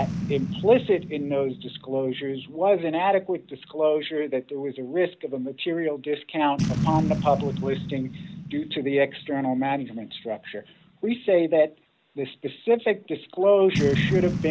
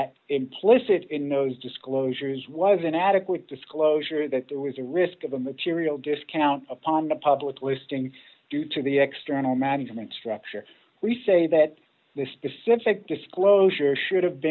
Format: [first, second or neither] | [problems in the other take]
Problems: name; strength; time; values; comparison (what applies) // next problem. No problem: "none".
second | background sound (Boom); 8 dB below the speech